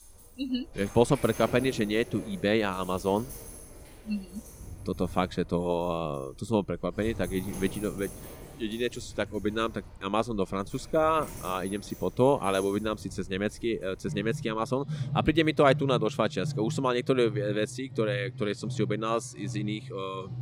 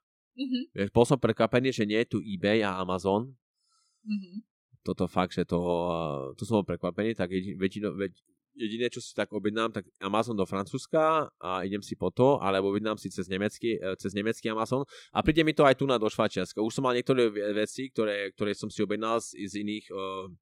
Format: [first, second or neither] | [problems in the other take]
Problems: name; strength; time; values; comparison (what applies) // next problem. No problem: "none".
second | animal sounds; noticeable; throughout; 10 dB below the speech